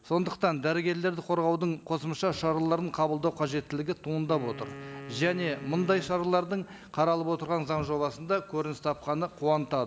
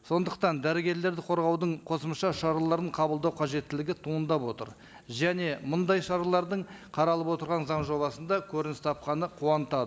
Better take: second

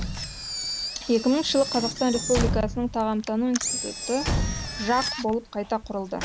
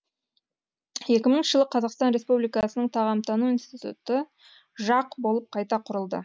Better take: second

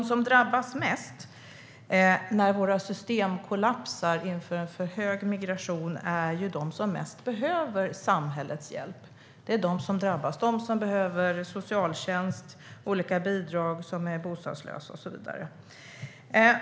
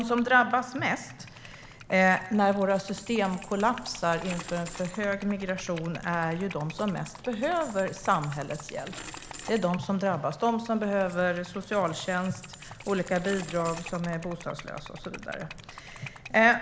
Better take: first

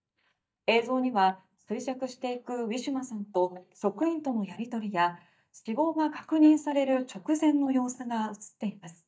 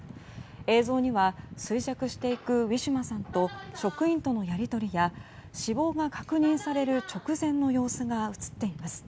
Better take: second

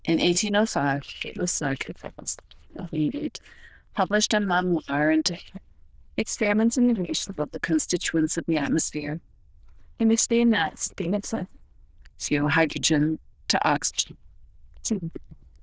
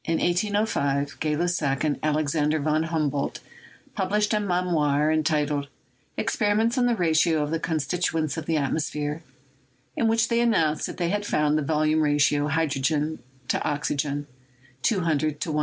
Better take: second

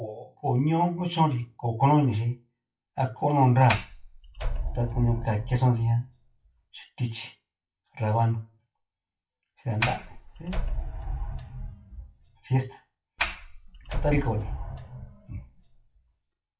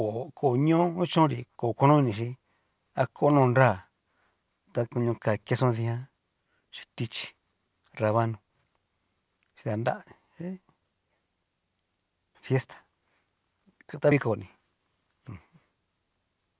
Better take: second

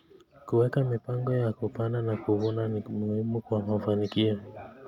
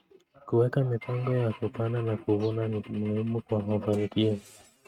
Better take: first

